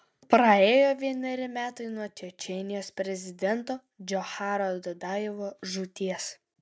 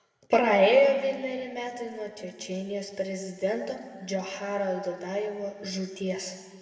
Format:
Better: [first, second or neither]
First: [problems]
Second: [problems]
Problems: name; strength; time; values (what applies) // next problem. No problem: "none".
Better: first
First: none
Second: room echo; dies away in 1.9 s